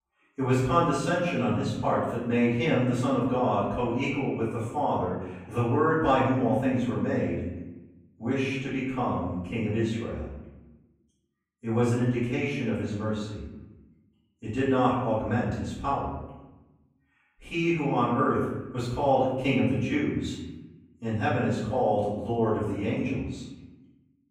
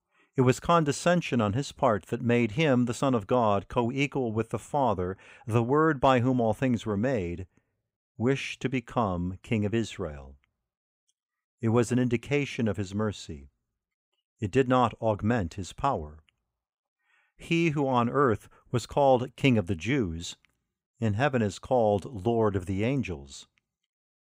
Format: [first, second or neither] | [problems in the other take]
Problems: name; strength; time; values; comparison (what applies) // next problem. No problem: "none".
second | room echo; noticeable; dies away in 1 s // off-mic speech; far